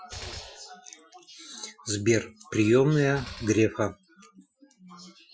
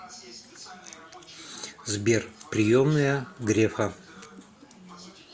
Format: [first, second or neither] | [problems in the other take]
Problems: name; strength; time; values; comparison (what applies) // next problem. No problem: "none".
second | noise reduction (classical method Wiener filter)